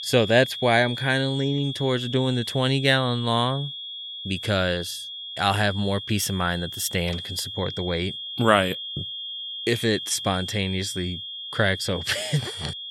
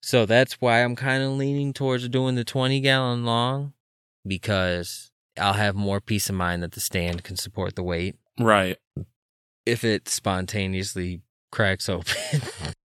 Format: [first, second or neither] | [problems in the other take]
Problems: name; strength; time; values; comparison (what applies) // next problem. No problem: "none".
second | high-pitched whine; loud; throughout; 3.5 kHz, 8 dB below the speech